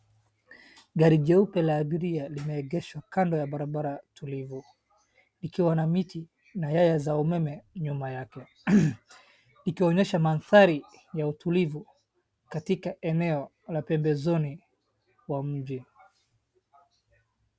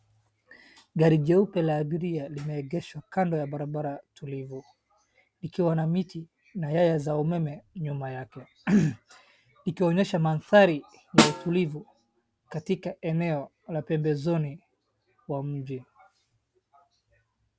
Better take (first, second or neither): first